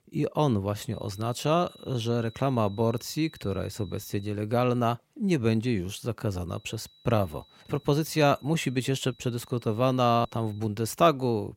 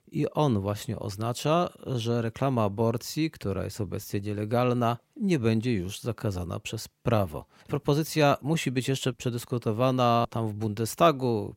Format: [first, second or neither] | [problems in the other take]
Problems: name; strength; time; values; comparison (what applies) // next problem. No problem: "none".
second | high-pitched whine; faint; from 1 to 4.5 s and from 6.5 to 11 s; 4 kHz, 25 dB below the speech